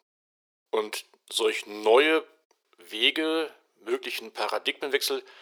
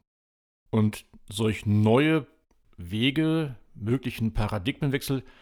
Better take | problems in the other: second | thin; very; fading below 400 Hz

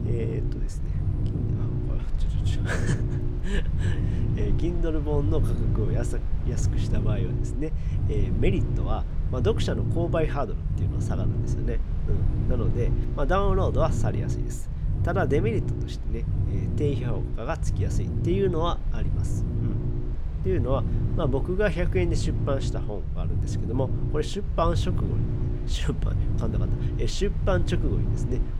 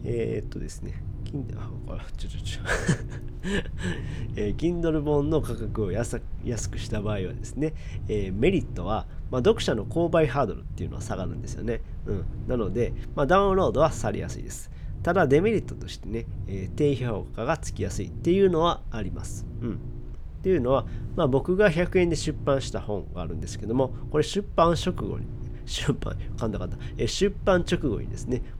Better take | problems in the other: second | low rumble; loud; throughout; 8 dB below the speech; faint in the second

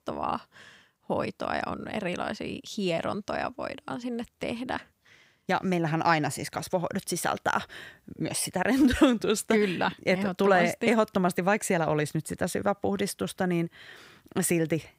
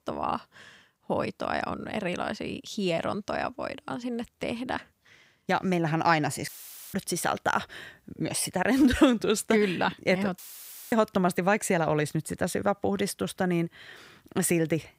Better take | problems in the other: first | audio cutting out; filled with static; at 6.5 s and at 10 s for 0.5 s

